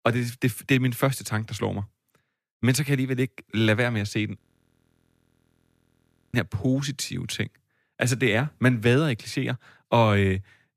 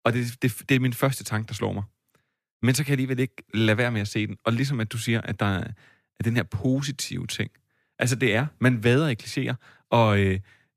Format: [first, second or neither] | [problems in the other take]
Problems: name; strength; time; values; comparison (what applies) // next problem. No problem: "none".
second | audio freezing; at 4.5 s for 2 s